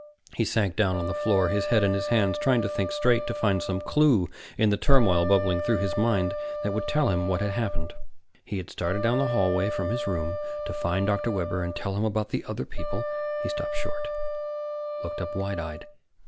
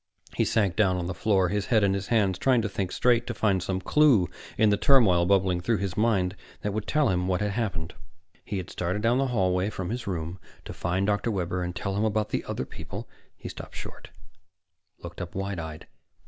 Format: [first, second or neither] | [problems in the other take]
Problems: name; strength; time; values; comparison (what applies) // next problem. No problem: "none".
second | background sound (Wind instrument, woodwind instrument); 7 dB below the speech